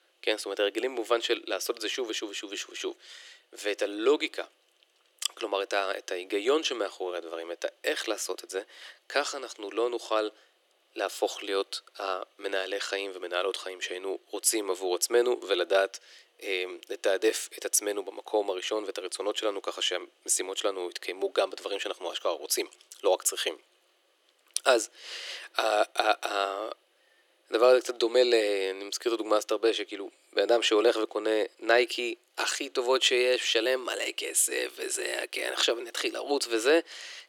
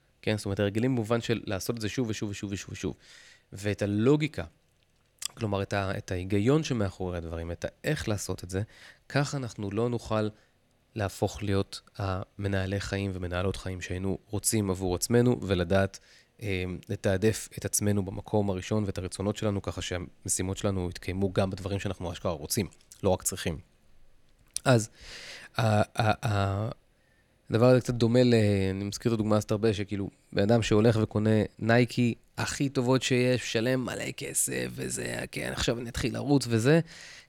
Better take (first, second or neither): second